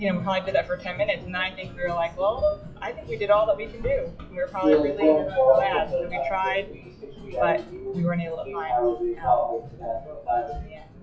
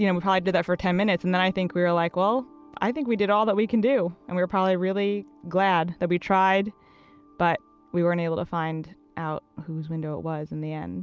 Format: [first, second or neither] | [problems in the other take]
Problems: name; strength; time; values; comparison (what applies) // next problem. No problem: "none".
second | noise reduction (classical method WPE with log-MMSE)